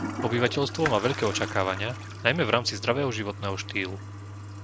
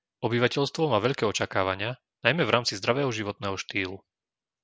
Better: second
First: background sound (Toilet flush); 8 dB below the speech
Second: none

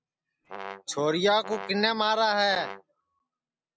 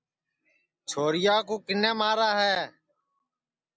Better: second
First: background sound (Brass instrument); 15 dB below the speech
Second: none

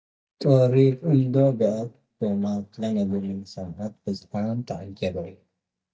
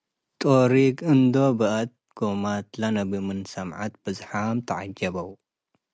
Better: second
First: noise reduction (neural mask model DeepFilterNet 3)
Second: none

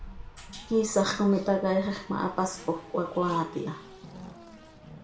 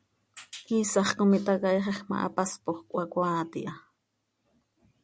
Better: second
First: background sound (Race car, auto racing); 16 dB below the speech // room echo; dies away in 0.4 s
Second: none

